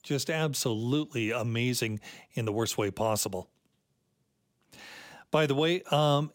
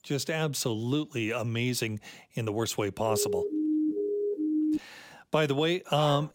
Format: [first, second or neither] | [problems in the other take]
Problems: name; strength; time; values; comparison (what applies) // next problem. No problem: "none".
first | siren; loud; from 3 to 5 s; peak 2 dB above the speech // dog barking; very faint; at 6 s; peak 9 dB below the speech